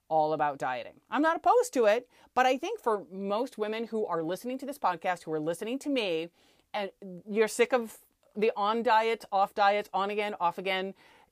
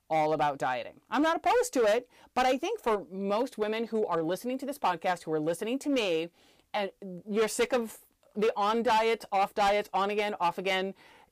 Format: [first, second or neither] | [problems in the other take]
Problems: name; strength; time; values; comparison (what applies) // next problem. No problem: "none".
first | distortion; slight; 7% of the sound clipped